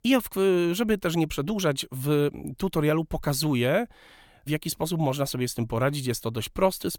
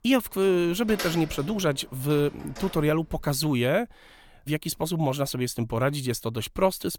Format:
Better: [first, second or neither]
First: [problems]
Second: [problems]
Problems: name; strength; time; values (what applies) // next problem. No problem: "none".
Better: first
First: none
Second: door banging; noticeable; until 3 s; peak 7 dB below the speech